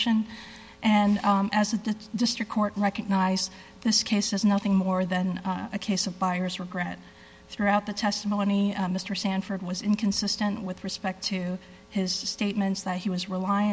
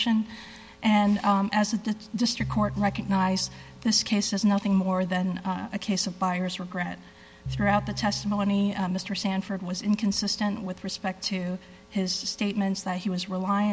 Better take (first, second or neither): first